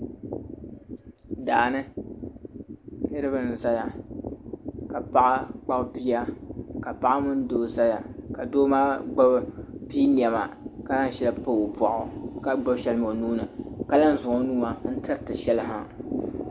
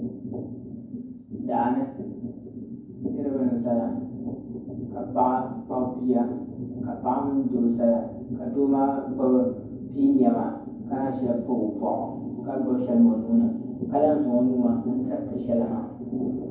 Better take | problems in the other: first | room echo; dies away in 0.9 s

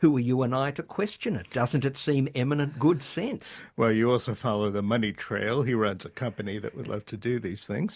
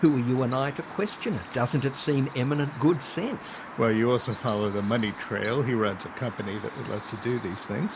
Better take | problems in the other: first | background sound (Chirp, tweet); 14 dB below the speech

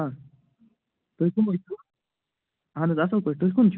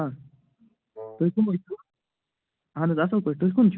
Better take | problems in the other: first | background sound (Wind instrument, woodwind instrument); 17 dB below the speech

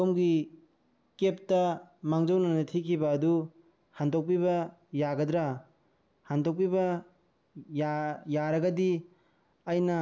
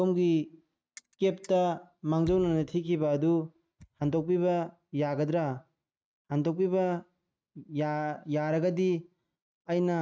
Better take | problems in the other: first | noise reduction (neural mask model RNNoise)

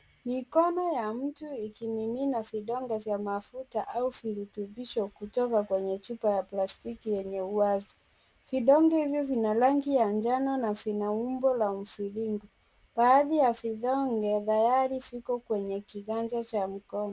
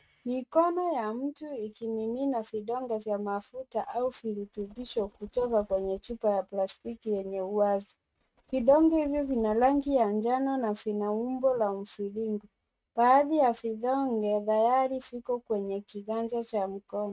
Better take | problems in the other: first | noise reduction (neural mask model RNNoise)

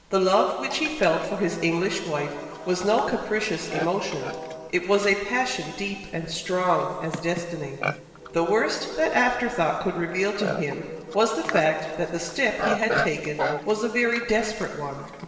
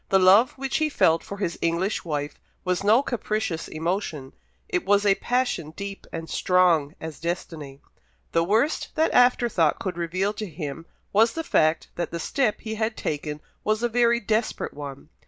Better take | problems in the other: second | background sound (Livestock, farm animals, working animals); 9 dB below the speech // room echo; dies away in 2.1 s

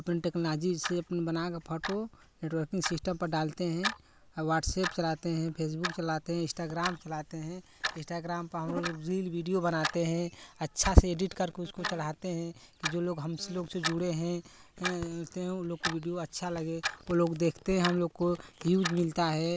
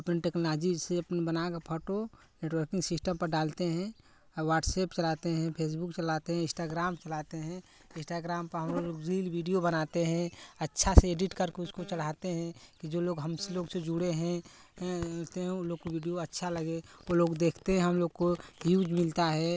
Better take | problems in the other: second | background sound (Clock); 11 dB below the speech

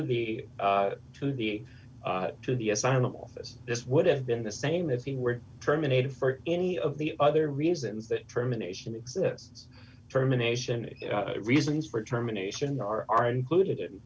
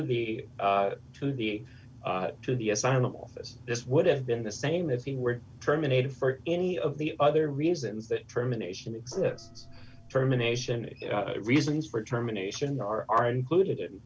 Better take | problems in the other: first | background sound (Gong); 19 dB below the speech

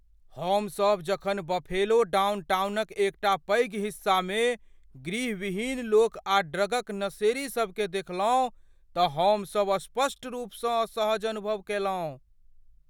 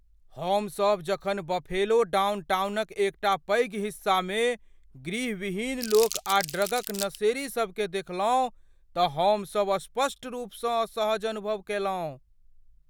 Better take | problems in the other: first | background sound (Crumpling, crinkling); 9 dB below the speech

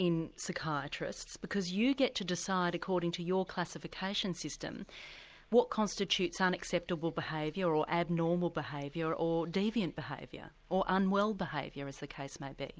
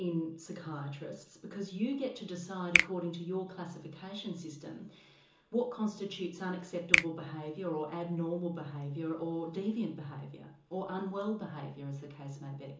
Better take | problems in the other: first | background sound (Finger snapping); 2 dB above the speech // room echo; dies away in 0.7 s

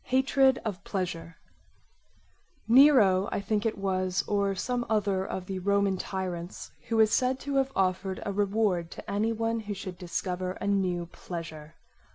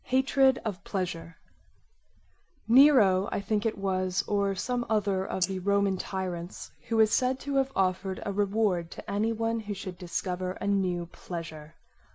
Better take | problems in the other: first | noise reduction (neural mask model Resemble Enhance denoiser)

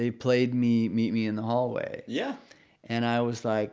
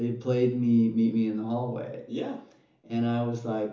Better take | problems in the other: first | room echo; dies away in 0.7 s

